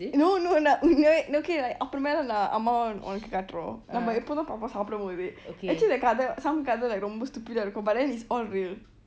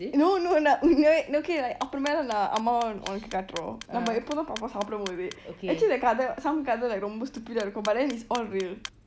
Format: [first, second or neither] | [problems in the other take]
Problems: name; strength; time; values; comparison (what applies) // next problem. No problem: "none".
first | background sound (Clock); 20 dB below the speech